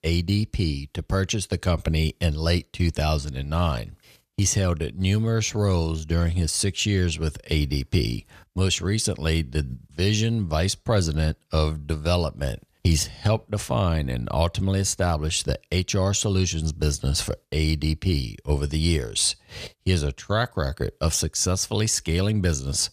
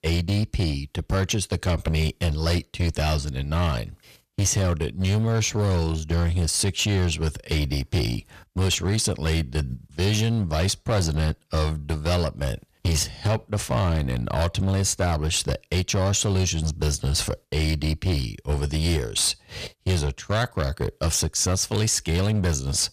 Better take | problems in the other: first | distortion; slight; 13% of the sound clipped

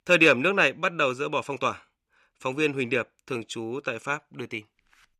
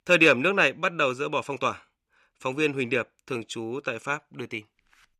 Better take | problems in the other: neither | thin; very slightly; fading below 400 Hz; the same in both

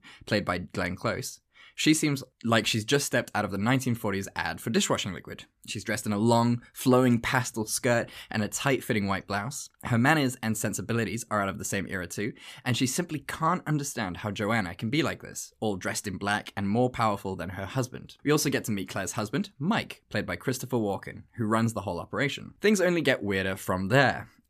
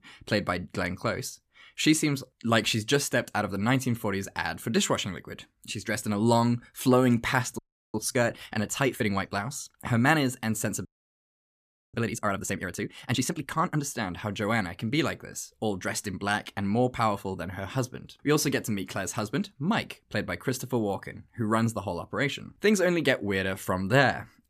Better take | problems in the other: first | audio freezing; at 7.5 s and at 11 s for 1 s

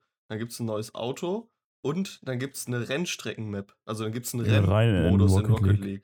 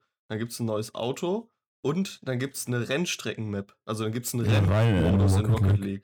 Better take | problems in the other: first | distortion; slight; 5% of the sound clipped

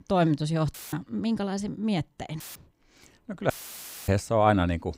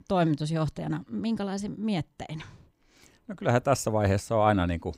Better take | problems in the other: second | audio cutting out; filled with static; at 0.5 s, at 2.5 s and at 3.5 s for 0.5 s

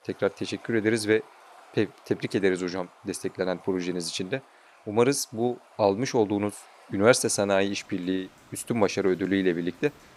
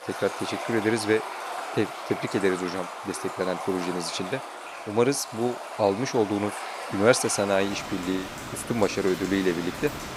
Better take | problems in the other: first | rain or running water; loud; throughout; 8 dB below the speech; faint in the first

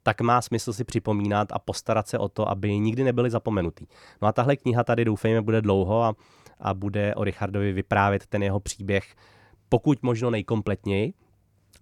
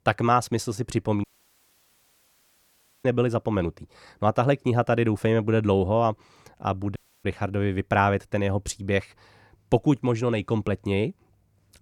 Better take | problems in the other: first | audio cutting out; at 1 s for 2 s and at 7 s

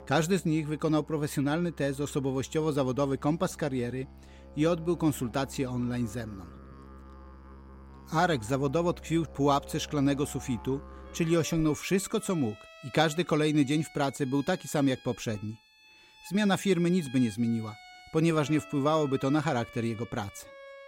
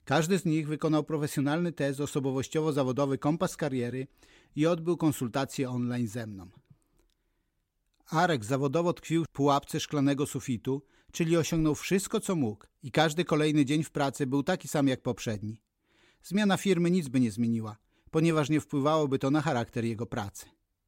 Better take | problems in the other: second | background music; faint; throughout; 20 dB below the speech

